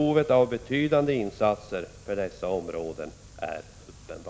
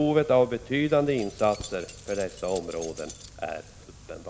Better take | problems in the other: first | background sound (Keys jangling); 18 dB below the speech

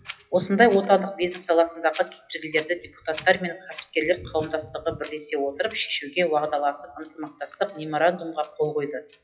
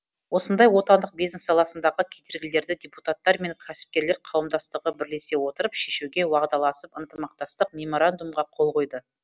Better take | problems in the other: second | noise reduction (classical method WPE with log-MMSE)

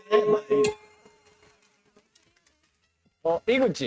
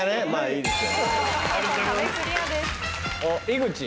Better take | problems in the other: second | noise reduction (neural mask model RNNoise)

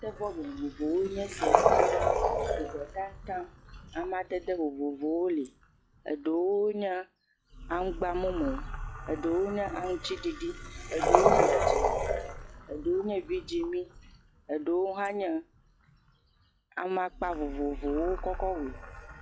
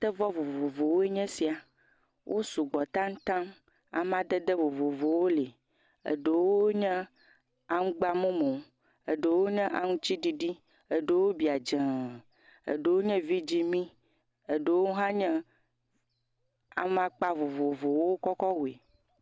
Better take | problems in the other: second | noise reduction (classical method log-MMSE)

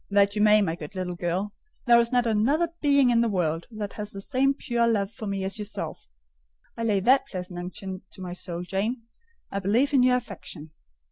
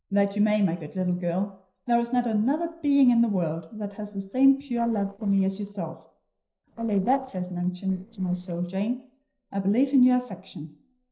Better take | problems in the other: first | noise reduction (neural separator model SepFormer DNS4)

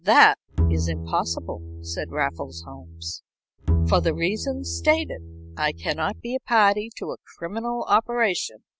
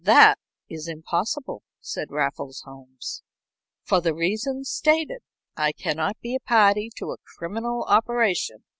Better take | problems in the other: second | background sound (Bowed string instrument); 3 dB below the speech

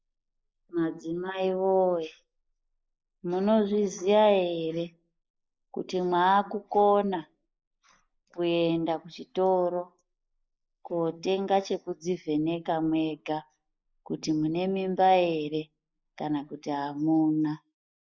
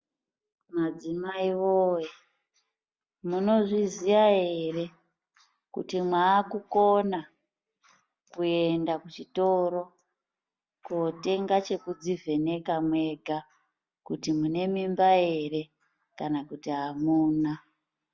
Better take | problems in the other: second | noise reduction (neural mask model Resemble Enhance denoiser)

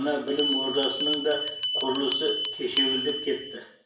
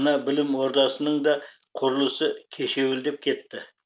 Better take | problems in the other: second | background sound (Bell); 1 dB below the speech // room echo; dies away in 0.5 s

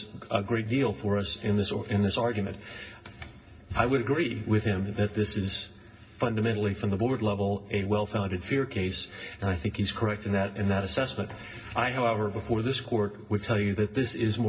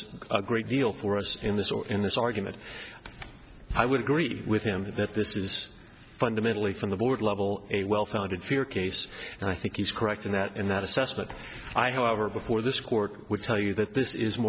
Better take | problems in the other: second | room echo; dies away in 0.4 s

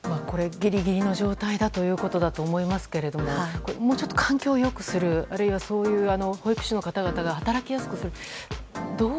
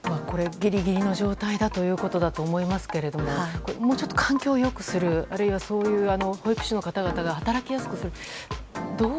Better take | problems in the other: first | background sound (Wind chime); 17 dB below the speech

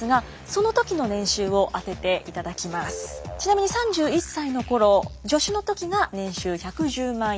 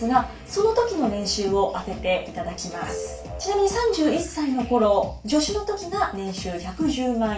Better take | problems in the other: first | room echo; dies away in 0.3 s

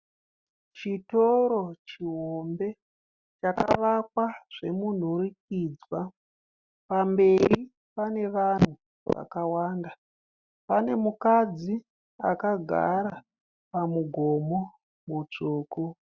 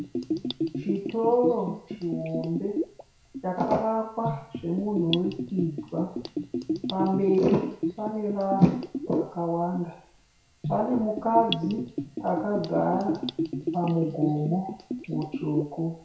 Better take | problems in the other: first | background sound (Bathtub (filling or washing) / Gurgling); 5 dB below the speech // room echo; dies away in 0.6 s

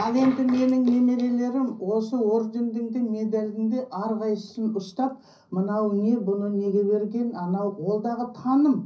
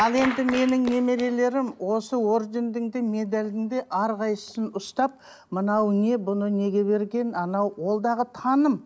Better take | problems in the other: second | room echo; dies away in 0.5 s

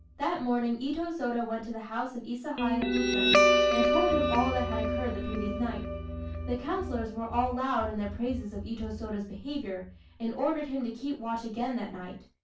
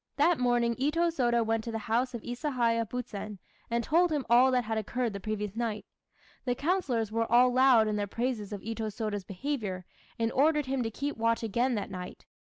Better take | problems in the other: second | background sound (Guitar); 1 dB above the speech // room echo; dies away in 0.3 s

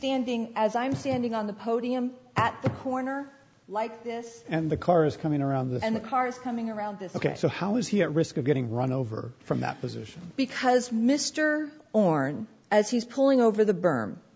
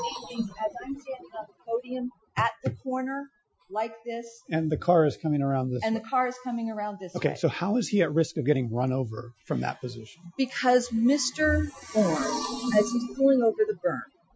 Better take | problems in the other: first | noise reduction (classical method Wiener filter)

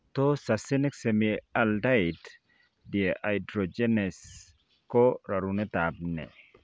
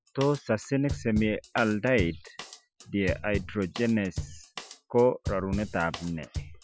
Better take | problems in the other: first | noise reduction (classical method Wiener filter)

